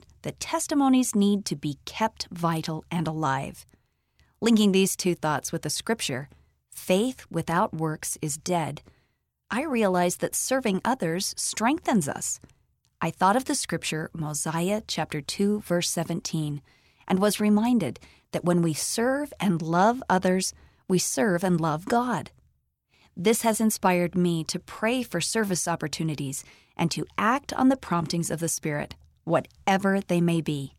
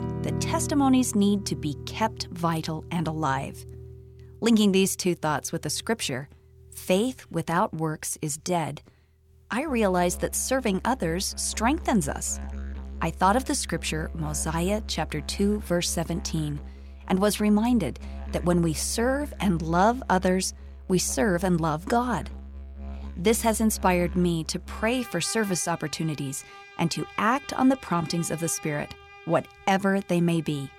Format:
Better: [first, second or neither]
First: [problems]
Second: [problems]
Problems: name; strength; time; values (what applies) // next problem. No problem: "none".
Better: first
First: none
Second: background music; noticeable; throughout; 15 dB below the speech